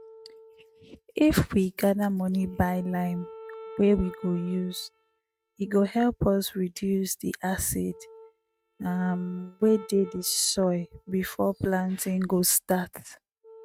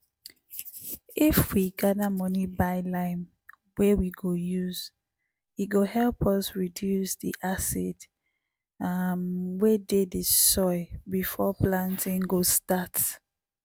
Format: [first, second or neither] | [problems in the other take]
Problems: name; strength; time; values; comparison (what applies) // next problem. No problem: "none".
second | noise reduction (neural mask model RNNoise)